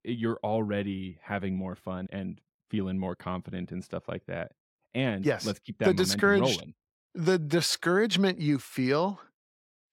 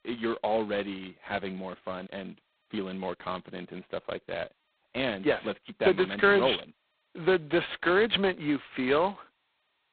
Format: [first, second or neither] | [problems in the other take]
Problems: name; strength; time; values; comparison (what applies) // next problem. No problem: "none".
first | phone-call audio; poor line; nothing above 4 kHz